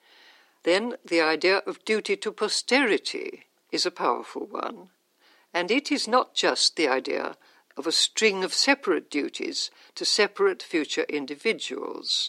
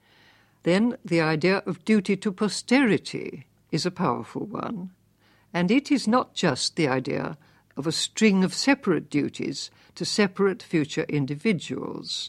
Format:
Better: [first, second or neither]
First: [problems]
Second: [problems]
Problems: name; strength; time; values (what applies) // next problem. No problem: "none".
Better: second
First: thin; somewhat; fading below 350 Hz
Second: none